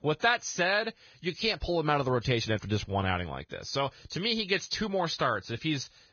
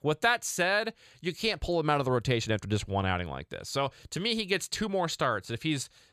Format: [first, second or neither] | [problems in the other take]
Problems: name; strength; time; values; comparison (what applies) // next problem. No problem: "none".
second | garbled, watery; badly; nothing above 6.5 kHz